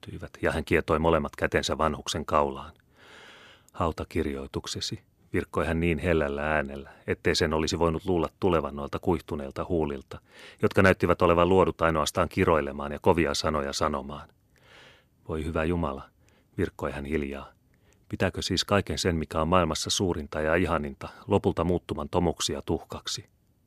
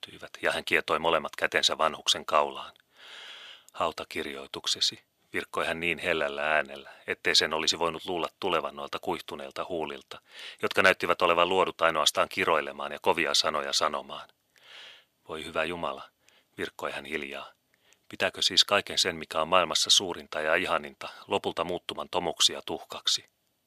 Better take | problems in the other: first | thin; somewhat; fading below 1 kHz

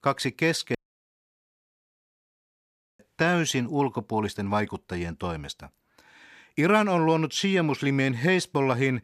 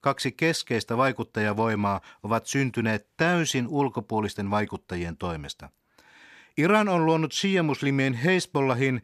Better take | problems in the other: second | audio cutting out; at 1 s for 2 s

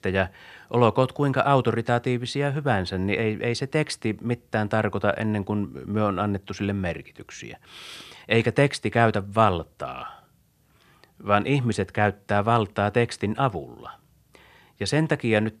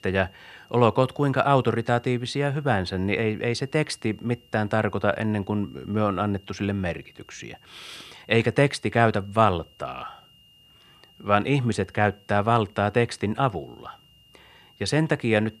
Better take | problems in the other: first | high-pitched whine; faint; throughout; 3 kHz, 30 dB below the speech

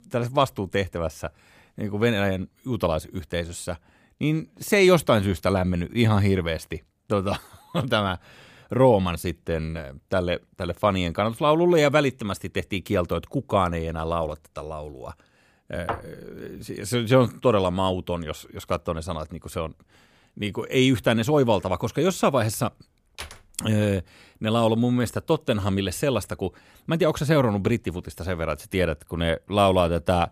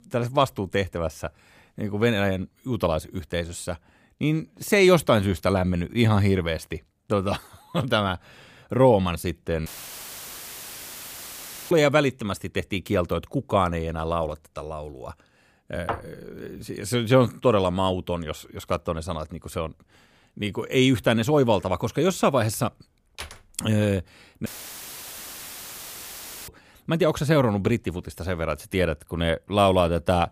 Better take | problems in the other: first | audio cutting out; filled with static; at 9.5 s for 2 s and at 24 s for 2 s

